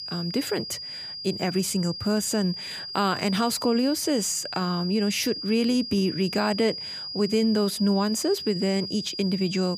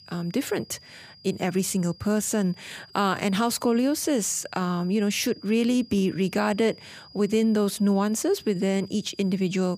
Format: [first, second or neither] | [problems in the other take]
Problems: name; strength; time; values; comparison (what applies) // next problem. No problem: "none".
second | high-pitched whine; loud; throughout; 5 kHz, 7 dB below the speech; faint in the second